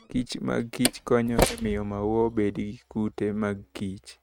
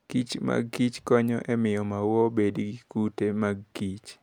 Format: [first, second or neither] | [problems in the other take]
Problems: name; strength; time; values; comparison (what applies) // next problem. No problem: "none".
second | noise reduction (neural mask model RNNoise)